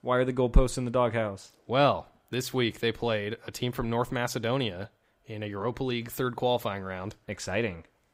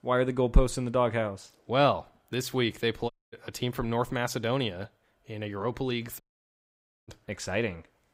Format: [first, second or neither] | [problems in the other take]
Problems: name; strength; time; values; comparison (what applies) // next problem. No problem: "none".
first | audio cutting out; at 3 s and at 6 s for 1 s